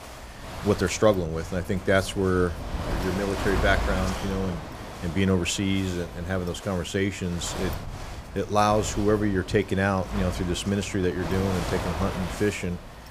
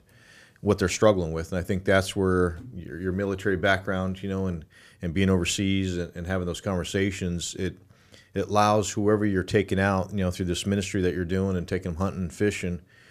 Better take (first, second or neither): second